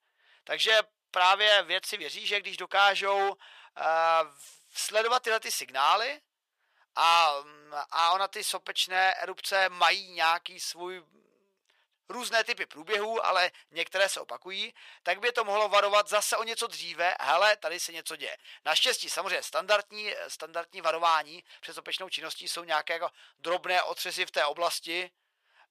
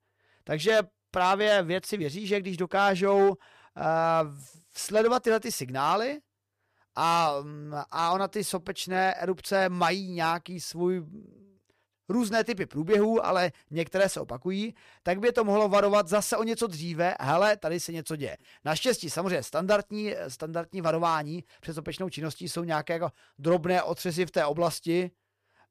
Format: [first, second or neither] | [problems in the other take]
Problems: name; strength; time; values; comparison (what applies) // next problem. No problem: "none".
second | thin; very; fading below 850 Hz